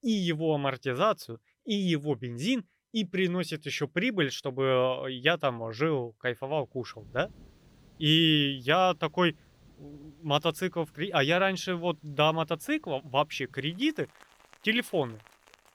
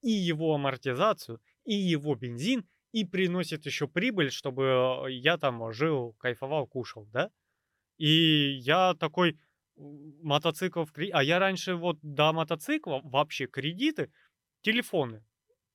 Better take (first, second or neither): second